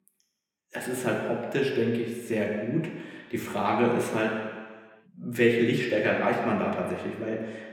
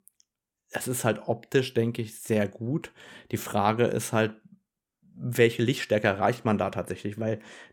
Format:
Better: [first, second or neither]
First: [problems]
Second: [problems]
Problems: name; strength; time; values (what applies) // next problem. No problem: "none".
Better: second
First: room echo; noticeable; dies away in 1.5 s // off-mic speech; somewhat distant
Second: none